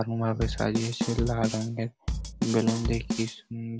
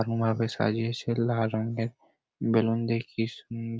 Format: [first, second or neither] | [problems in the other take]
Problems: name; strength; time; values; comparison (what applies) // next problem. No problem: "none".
second | background sound (Bass drum / Snare drum / Drum kit); 3 dB below the speech